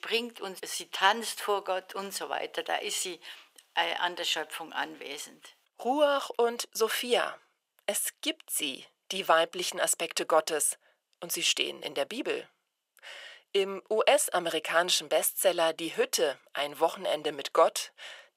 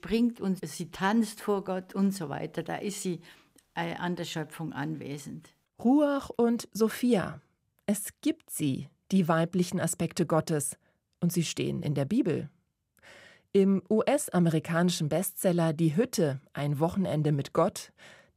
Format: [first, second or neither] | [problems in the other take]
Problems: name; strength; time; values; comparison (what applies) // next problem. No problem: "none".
second | thin; very; fading below 550 Hz